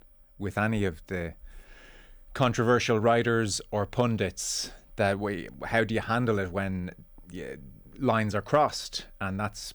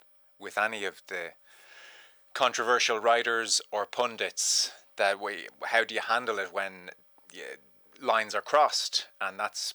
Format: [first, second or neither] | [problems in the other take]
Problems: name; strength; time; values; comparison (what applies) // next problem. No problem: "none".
first | thin; very; fading below 700 Hz